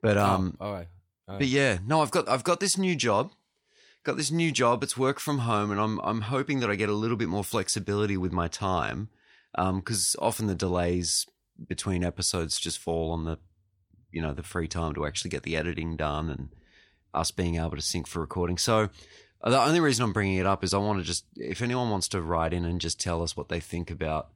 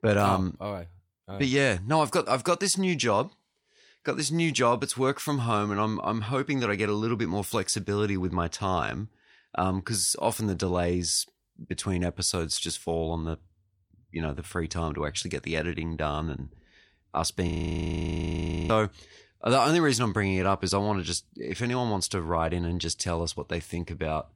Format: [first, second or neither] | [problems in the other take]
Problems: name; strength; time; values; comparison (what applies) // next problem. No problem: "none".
first | audio freezing; at 17 s for 1 s